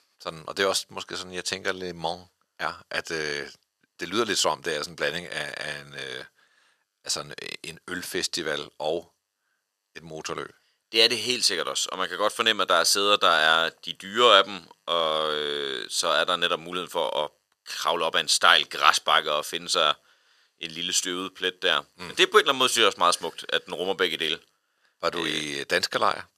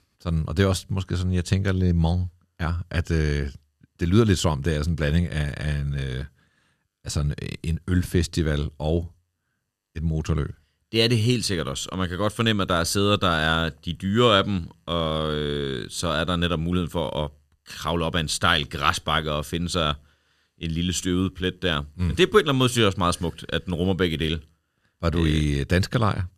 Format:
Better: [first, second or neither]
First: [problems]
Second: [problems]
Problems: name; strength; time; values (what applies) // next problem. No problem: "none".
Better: second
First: thin; very; fading below 600 Hz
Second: none